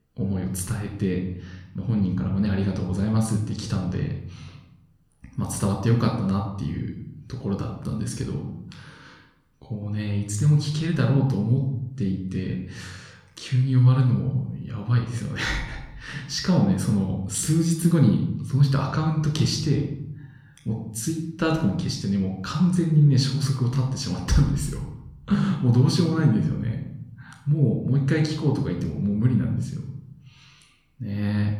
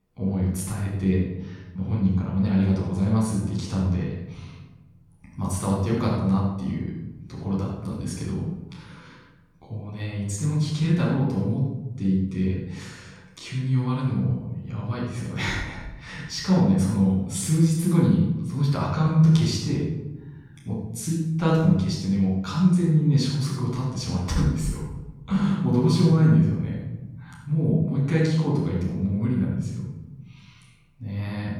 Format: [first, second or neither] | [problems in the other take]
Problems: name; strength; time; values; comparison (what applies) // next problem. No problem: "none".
first | room echo; strong; dies away in 1.1 s; slight in the first // off-mic speech; far; somewhat distant in the first